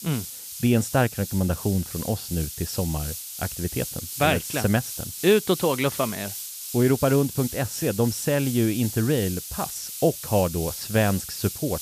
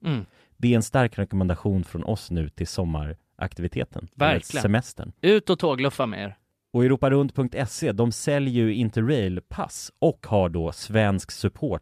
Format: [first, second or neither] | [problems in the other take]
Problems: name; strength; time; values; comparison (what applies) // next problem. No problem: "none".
second | hiss; loud; throughout; 8 dB below the speech